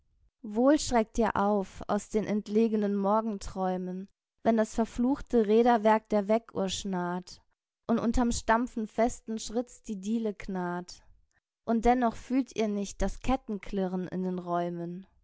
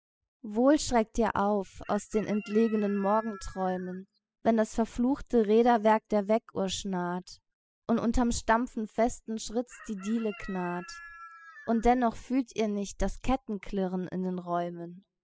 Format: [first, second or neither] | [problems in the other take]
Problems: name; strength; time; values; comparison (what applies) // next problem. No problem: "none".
first | noise reduction (classical method spectral subtraction)